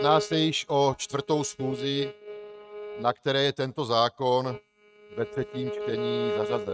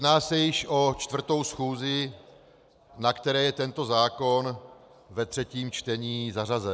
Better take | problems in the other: second | noise reduction (neural mask model RNNoise)

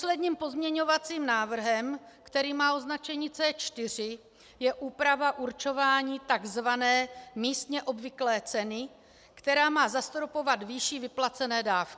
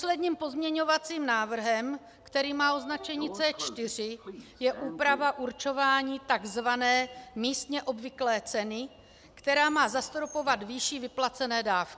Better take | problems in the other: first | background sound (Sliding door); 20 dB below the speech

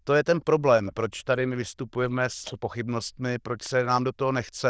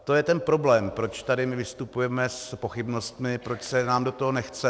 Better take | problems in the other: second | noise reduction (neural diffusion model UNIVERSE++)

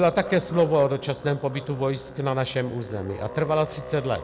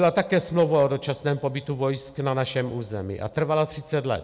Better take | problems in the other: second | background sound (Musical instrument); 15 dB below the speech

